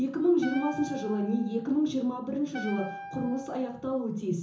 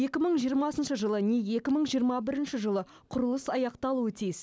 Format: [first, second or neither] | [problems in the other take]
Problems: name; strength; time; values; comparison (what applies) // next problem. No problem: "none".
second | background sound (Wind instrument, woodwind instrument); 14 dB below the speech // room echo; dies away in 0.7 s